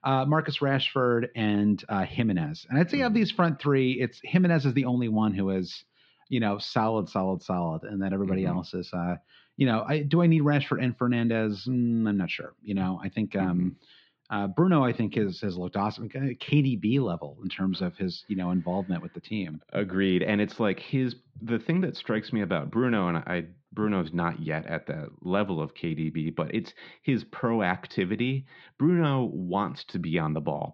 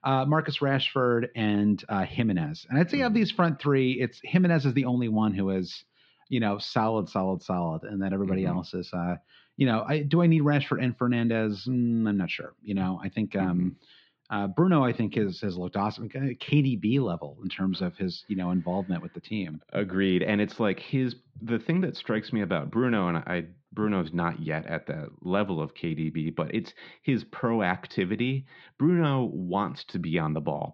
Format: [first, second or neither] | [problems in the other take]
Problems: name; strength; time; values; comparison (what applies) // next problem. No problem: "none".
neither | muffled; slightly; fading above 4 kHz; the same in both